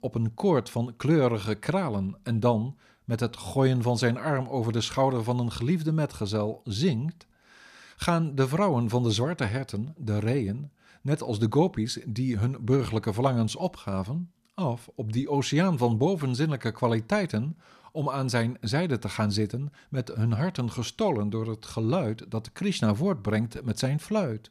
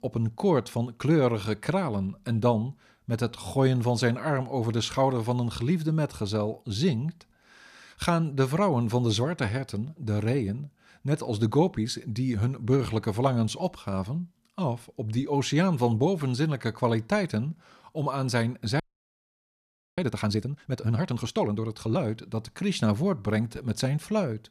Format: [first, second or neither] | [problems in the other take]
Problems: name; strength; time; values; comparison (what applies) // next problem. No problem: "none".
first | audio freezing; at 19 s for 1 s